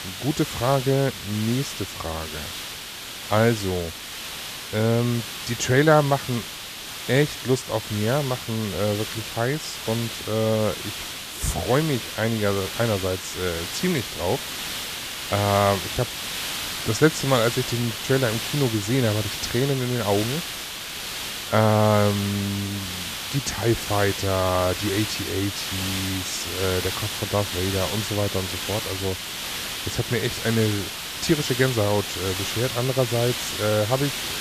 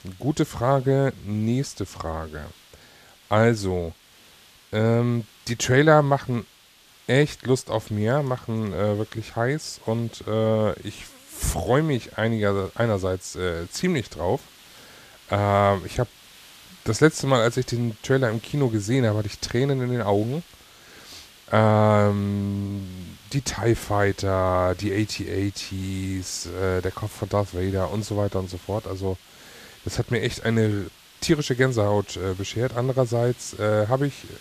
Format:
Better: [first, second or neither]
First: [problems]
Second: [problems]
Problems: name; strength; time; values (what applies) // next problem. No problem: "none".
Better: second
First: hiss; loud; throughout; 5 dB below the speech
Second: hiss; faint; throughout; 25 dB below the speech